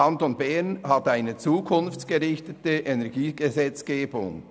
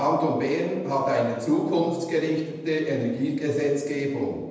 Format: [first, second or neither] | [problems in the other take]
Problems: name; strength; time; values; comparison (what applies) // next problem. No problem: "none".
first | room echo; dies away in 1.1 s